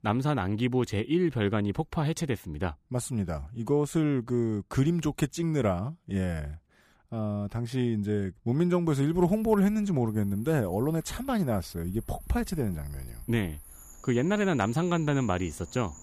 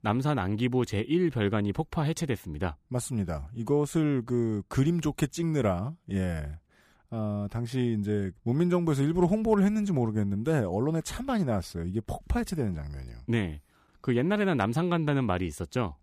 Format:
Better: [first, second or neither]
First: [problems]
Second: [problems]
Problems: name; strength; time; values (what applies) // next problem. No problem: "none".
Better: second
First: animal sounds; faint; from 9 s on; 20 dB below the speech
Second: none